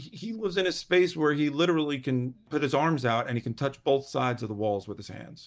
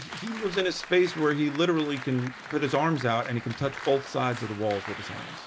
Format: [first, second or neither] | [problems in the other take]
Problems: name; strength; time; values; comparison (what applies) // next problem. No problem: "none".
first | background sound (Applause); 13 dB below the speech